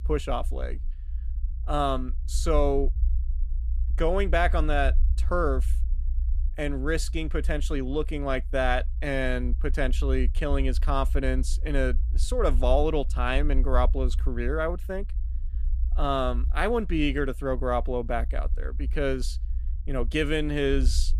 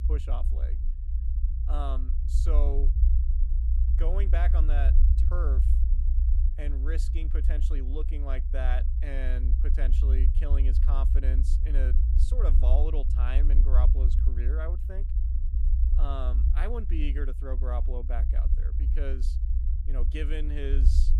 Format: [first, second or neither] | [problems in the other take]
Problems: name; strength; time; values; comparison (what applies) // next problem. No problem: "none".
first | low rumble; loud; throughout; 7 dB below the speech; faint in the first